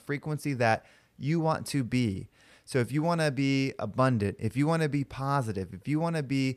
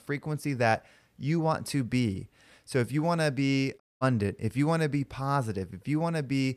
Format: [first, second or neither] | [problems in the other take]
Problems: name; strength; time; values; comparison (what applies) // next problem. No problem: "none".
first | audio cutting out; at 4 s